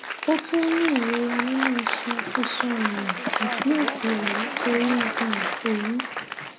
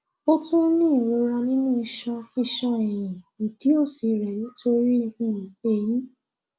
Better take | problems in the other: second | background sound (Applause); 2 dB below the speech

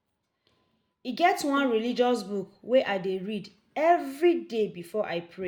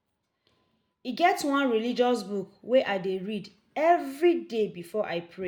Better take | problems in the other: second | background sound (Bowed string instrument); 20 dB below the speech

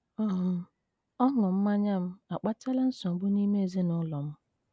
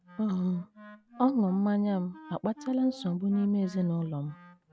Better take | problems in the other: first | background sound (Wind instrument, woodwind instrument + Brass instrument); 19 dB below the speech

